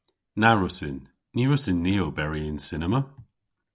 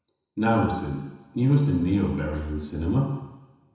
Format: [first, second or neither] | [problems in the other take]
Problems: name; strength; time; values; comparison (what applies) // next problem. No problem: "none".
first | room echo; dies away in 1 s